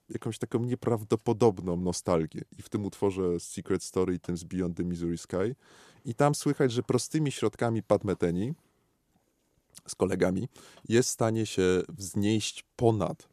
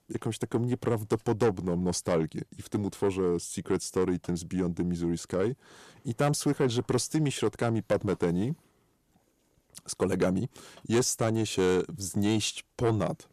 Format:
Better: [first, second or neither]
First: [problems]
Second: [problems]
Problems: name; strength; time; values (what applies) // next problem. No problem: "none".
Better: first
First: none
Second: distortion; slight; 10 dB below the speech